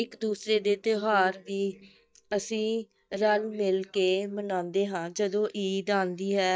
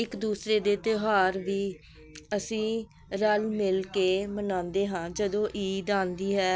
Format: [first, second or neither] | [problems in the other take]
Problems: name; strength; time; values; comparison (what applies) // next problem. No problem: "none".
second | noise reduction (neural mask model DeepFilterNet 3)